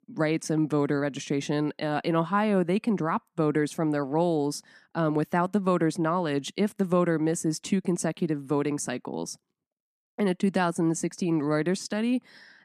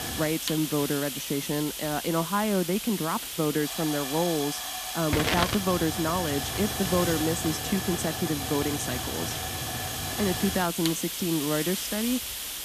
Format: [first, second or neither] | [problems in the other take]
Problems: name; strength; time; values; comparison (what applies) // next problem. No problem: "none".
first | hiss; loud; throughout; 2 dB below the speech